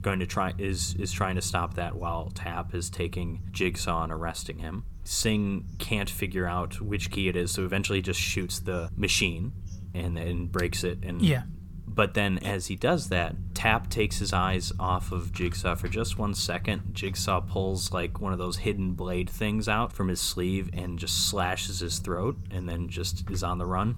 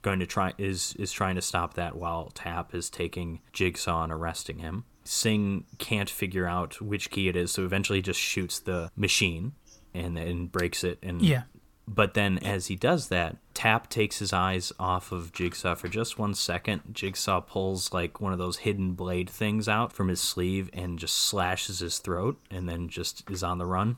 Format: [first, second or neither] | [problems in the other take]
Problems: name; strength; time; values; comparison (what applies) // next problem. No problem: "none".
second | low rumble; faint; throughout; 20 dB below the speech